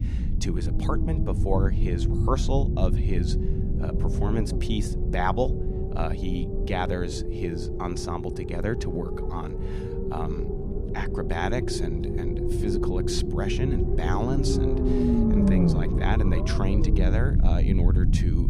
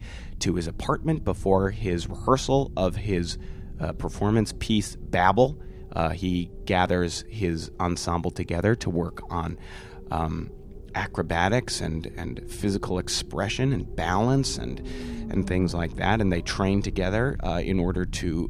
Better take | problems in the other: second | low rumble; loud; throughout; 2 dB below the speech; faint in the second

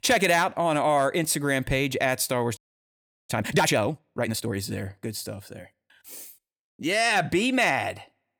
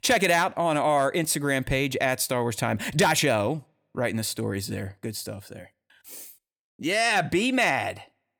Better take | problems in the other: second | audio freezing; at 2.5 s for 0.5 s

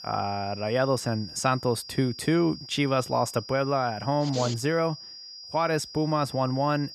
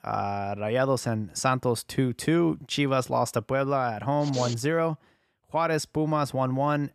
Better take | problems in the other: second | high-pitched whine; noticeable; throughout; 5 kHz, 15 dB below the speech

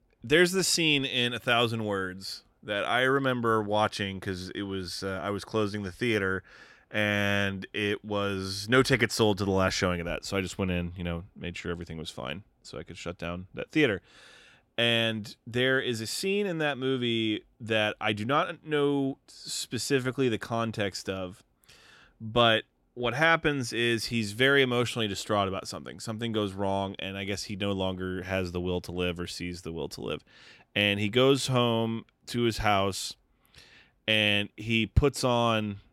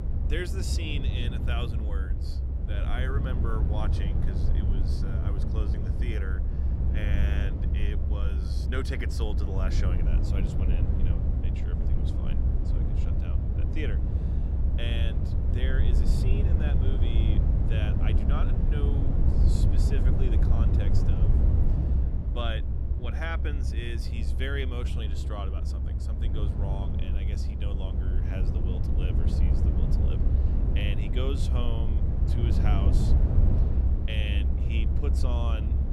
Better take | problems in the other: first | low rumble; loud; throughout; 2 dB below the speech

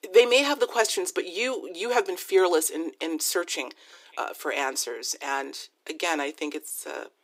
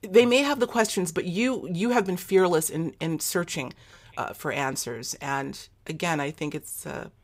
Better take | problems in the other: second | thin; somewhat; fading below 300 Hz

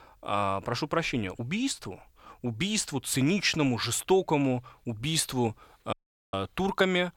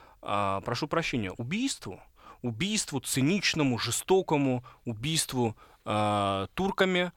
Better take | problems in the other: second | audio cutting out; at 6 s

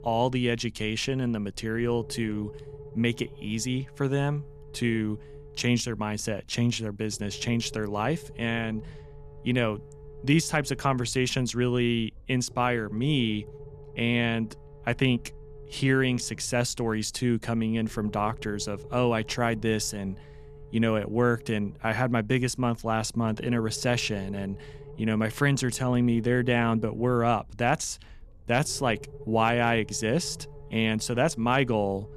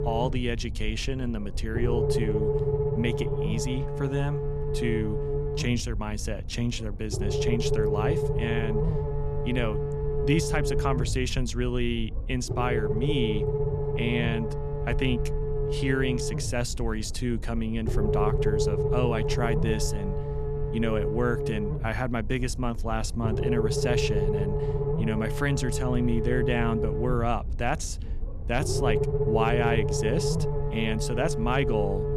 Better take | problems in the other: first | low rumble; loud; throughout; as loud as the speech; faint in the first

